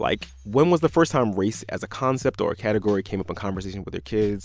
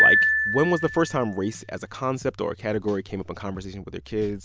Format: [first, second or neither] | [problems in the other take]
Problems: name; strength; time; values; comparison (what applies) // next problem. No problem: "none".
first | background sound (Piano); as loud as the speech